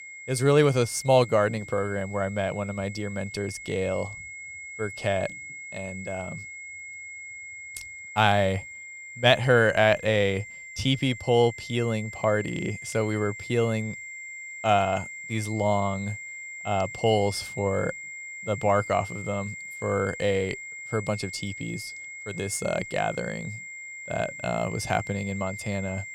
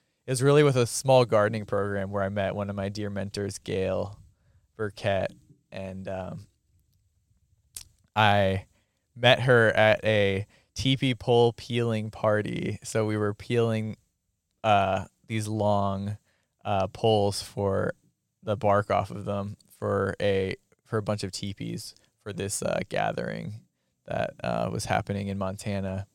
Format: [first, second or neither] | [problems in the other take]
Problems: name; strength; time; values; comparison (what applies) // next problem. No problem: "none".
second | high-pitched whine; noticeable; throughout; 2 kHz, 10 dB below the speech